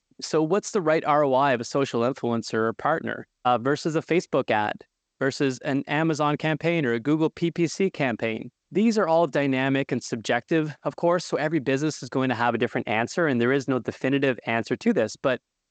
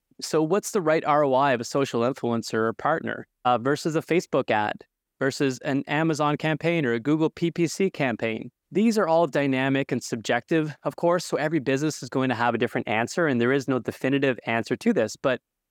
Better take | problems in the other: second | garbled, watery; slightly; nothing above 7.5 kHz

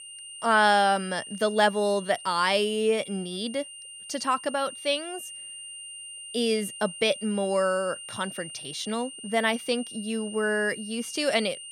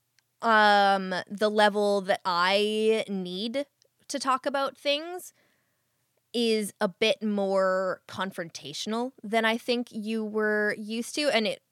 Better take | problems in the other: second | high-pitched whine; noticeable; throughout; 3 kHz, 10 dB below the speech

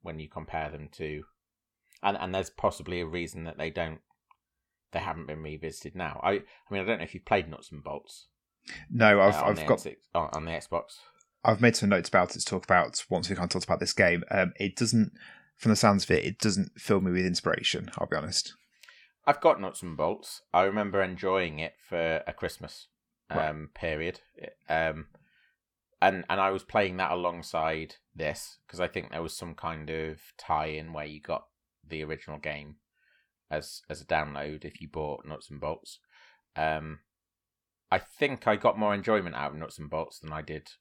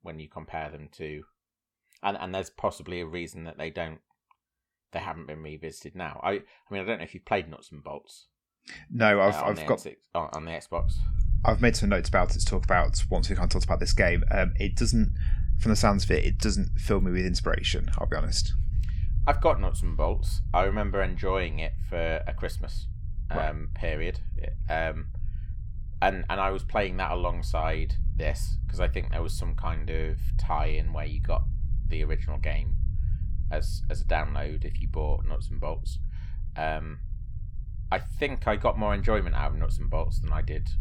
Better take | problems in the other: first | low rumble; faint; from 11 s on; 20 dB below the speech

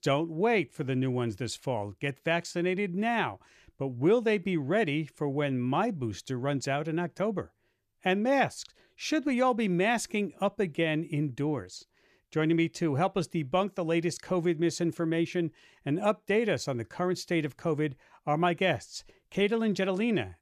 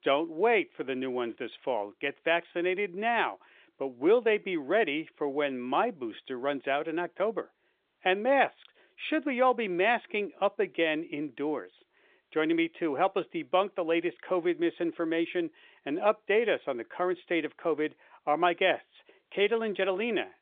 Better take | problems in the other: first | phone-call audio; nothing above 3.5 kHz

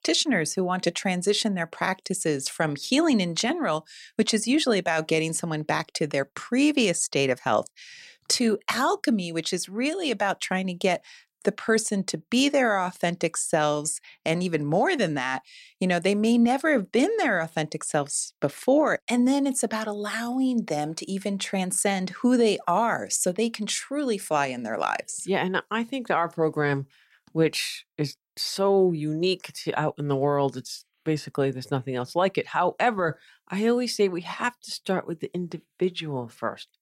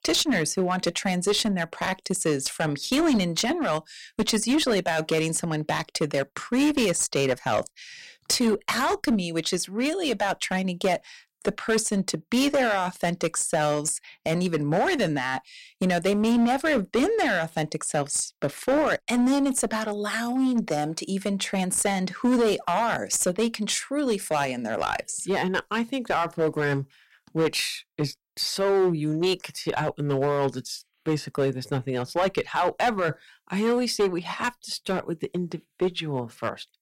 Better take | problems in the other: first | distortion; slight; 7% of the sound clipped

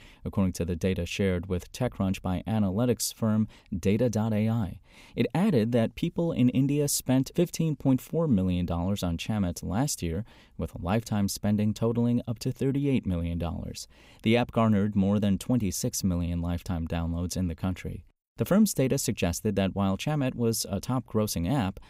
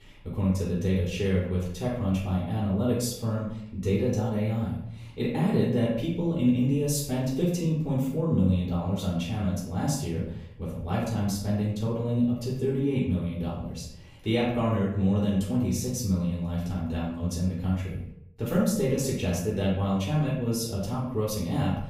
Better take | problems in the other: first | off-mic speech; far // room echo; noticeable; dies away in 0.6 s

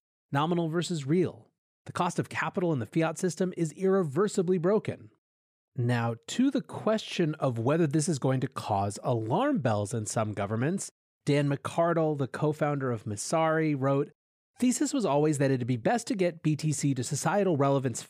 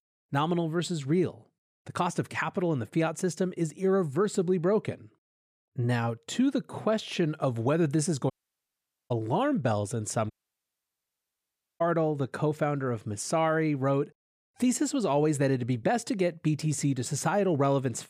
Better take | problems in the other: first | audio cutting out; at 8.5 s for 1 s and at 10 s for 1.5 s

